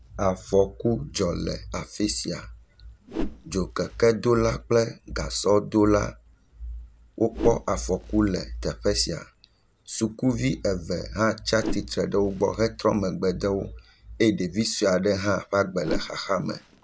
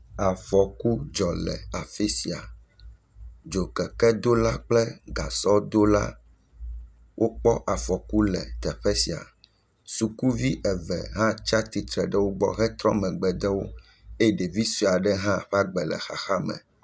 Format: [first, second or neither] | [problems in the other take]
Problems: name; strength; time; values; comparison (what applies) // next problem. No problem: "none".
second | background sound (Whoosh, swoosh, swish); 14 dB below the speech